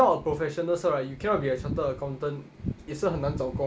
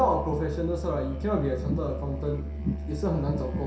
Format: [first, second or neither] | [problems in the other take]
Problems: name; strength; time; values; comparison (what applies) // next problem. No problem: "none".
first | background sound (Musical instrument); 5 dB below the speech // room echo; dies away in 0.7 s